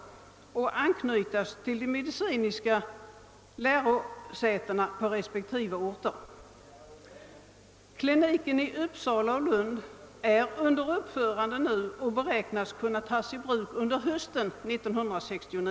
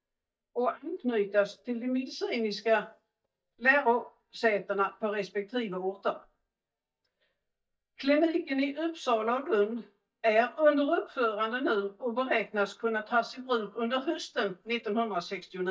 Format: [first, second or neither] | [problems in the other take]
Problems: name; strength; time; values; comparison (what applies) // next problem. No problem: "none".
first | noise reduction (neural mask model DeepFilterNet 3)